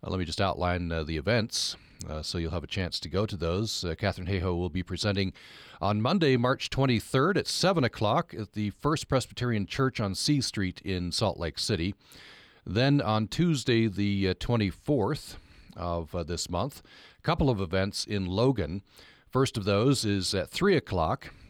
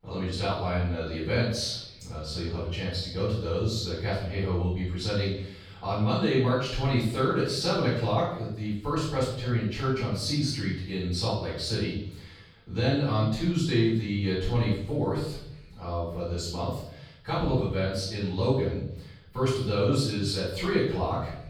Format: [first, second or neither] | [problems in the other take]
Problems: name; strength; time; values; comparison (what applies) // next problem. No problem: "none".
first | off-mic speech; far // room echo; noticeable; dies away in 0.7 s